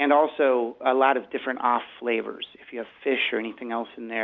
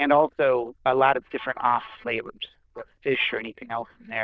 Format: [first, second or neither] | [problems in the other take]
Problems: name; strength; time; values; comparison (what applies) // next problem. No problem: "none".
first | noise reduction (neural diffusion model UNIVERSE++)